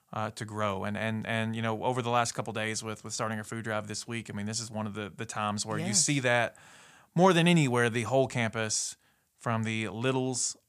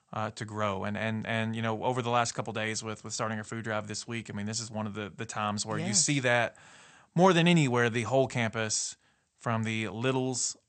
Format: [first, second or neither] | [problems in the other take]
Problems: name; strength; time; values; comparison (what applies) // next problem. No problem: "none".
first | garbled, watery; slightly; nothing above 8.5 kHz